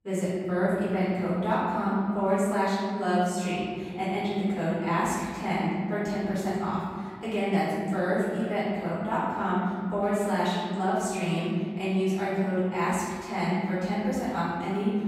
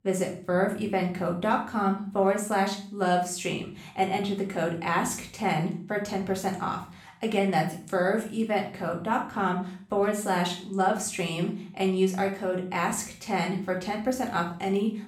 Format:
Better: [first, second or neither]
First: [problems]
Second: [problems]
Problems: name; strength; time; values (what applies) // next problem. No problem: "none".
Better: second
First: room echo; strong; dies away in 2.4 s // off-mic speech; far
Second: room echo; slight; dies away in 0.5 s // off-mic speech; far